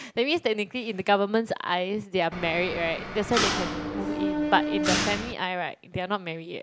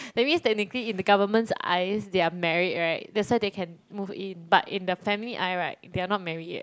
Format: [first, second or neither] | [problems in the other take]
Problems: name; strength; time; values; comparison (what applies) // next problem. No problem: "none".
second | background sound (Mechanisms); 1 dB below the speech